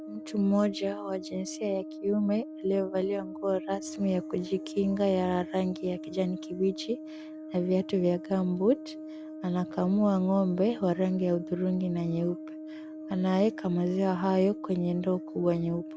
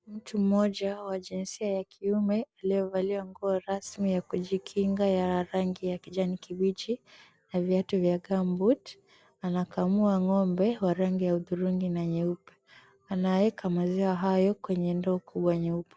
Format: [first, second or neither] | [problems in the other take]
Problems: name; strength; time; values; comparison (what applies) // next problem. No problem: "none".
second | background sound (Brass instrument); 12 dB below the speech